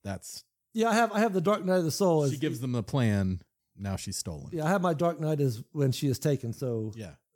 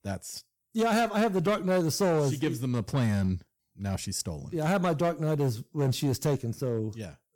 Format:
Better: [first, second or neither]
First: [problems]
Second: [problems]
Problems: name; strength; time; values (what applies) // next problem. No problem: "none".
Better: first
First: none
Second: distortion; slight; 7% of the sound clipped